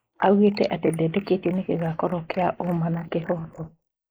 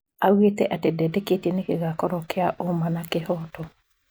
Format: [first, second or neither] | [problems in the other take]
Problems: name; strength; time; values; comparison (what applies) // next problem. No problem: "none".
second | noise reduction (neural mask model Resemble Enhance denoiser)